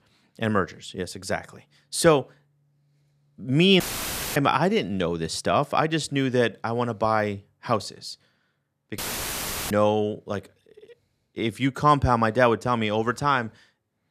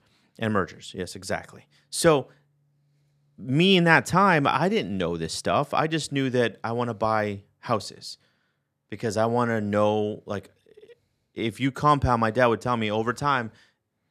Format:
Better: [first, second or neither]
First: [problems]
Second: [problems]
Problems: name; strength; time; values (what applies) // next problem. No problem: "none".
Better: second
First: audio cutting out; filled with static; at 4 s for 0.5 s and at 9 s for 0.5 s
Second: none